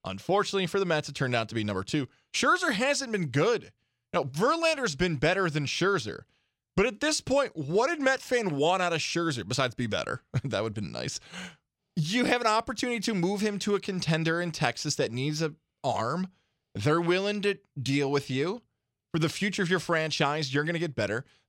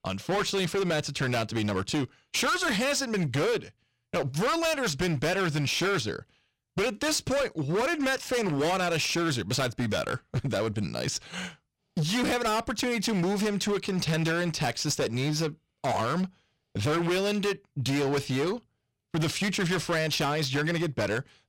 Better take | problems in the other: first | distortion; heavy; 21% of the sound clipped

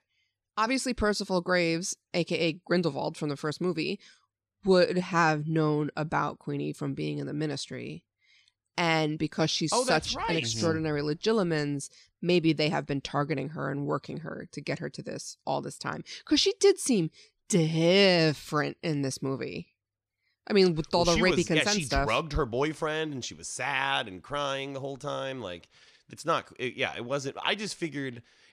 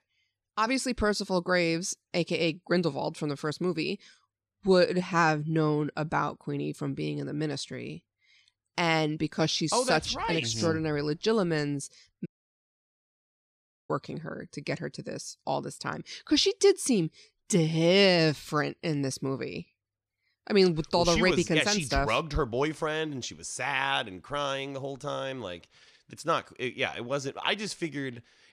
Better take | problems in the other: first | audio cutting out; at 12 s for 1.5 s

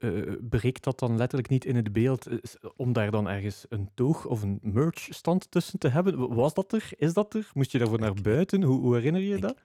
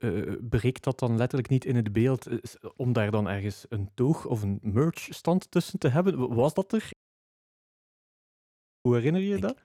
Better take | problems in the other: first | audio cutting out; at 7 s for 2 s

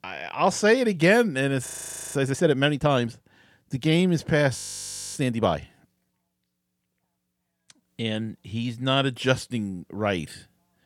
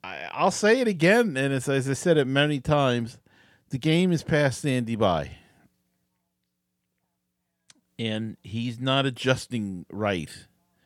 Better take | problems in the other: second | audio freezing; at 1.5 s and at 4.5 s for 0.5 s

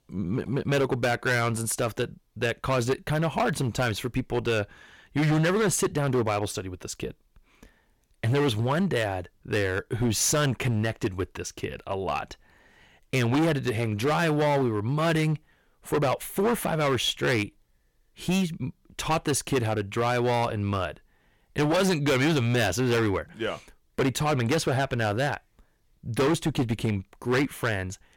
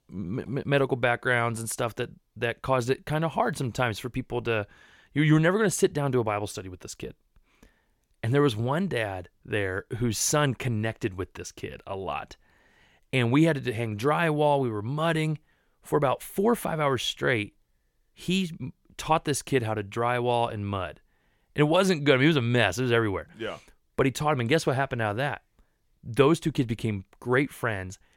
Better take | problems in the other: second | distortion; heavy; 11% of the sound clipped

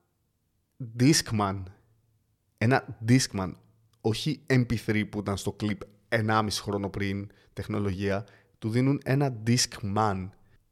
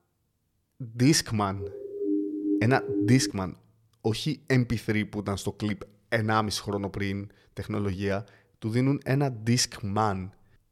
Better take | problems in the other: first | siren; noticeable; from 1.5 to 3.5 s; peak 1 dB below the speech

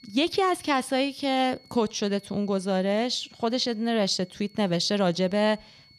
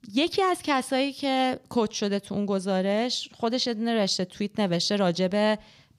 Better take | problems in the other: second | high-pitched whine; faint; throughout; 4.5 kHz, 30 dB below the speech

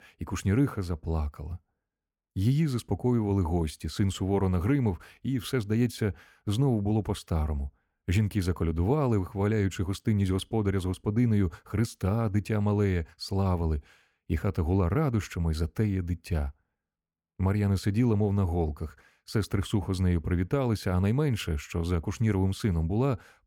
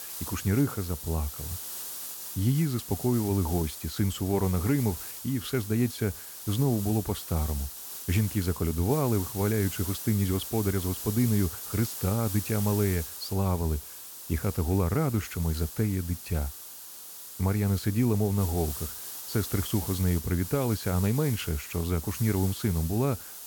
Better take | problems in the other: first | hiss; loud; throughout; 8 dB below the speech

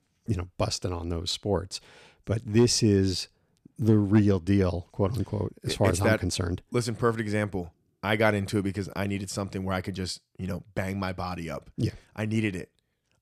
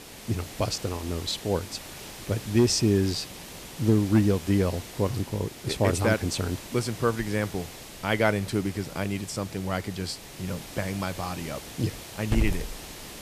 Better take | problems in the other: first | hiss; noticeable; throughout; 10 dB below the speech

